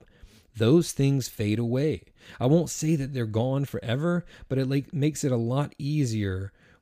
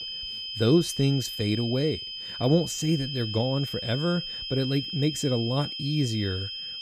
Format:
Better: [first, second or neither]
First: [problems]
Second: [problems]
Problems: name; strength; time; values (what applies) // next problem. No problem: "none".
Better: first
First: none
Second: high-pitched whine; loud; throughout; 3 kHz, 6 dB below the speech